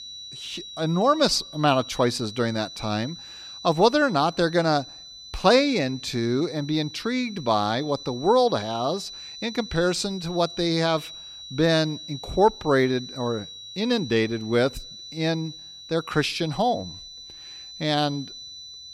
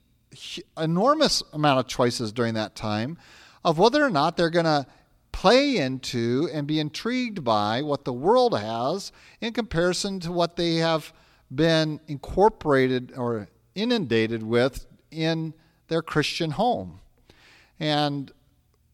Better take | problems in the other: second | high-pitched whine; noticeable; throughout; 4 kHz, 15 dB below the speech

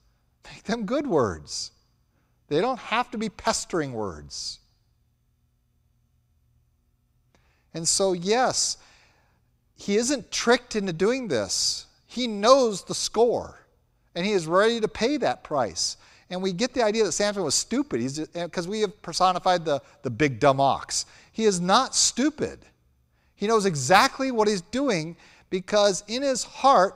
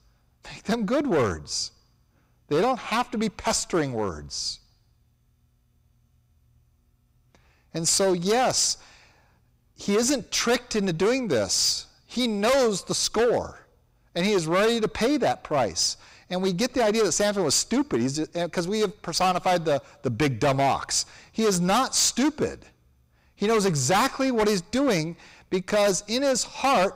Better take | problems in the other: first | distortion; heavy; 10% of the sound clipped

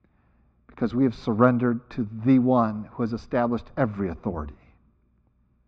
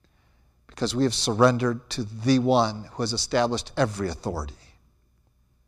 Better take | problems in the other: second | muffled; very; fading above 2 kHz

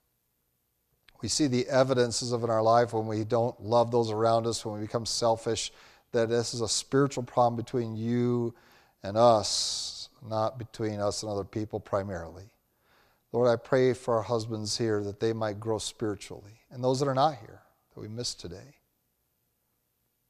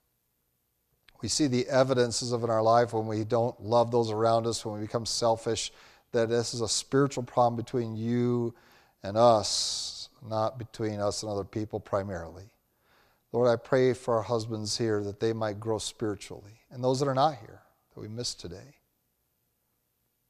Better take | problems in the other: neither | none

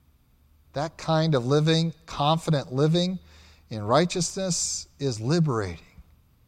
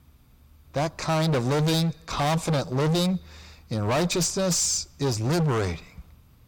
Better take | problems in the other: first | distortion; heavy; 24% of the sound clipped

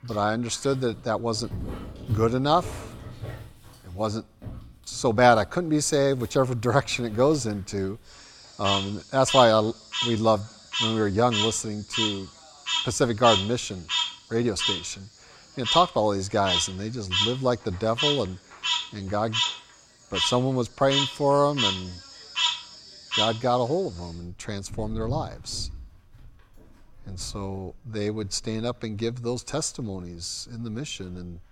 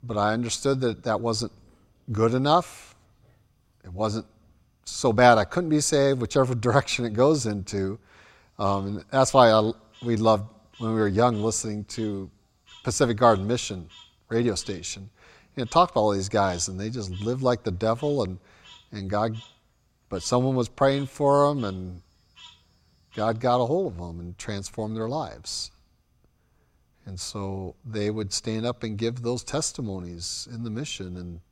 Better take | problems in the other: second | animal sounds; loud; throughout; 2 dB below the speech; faint in the second

